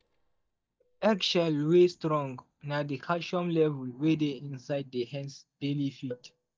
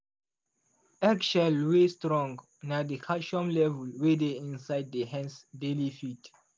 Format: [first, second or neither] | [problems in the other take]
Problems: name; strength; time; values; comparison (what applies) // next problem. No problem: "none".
second | noise reduction (neural mask model DeepFilterNet 3)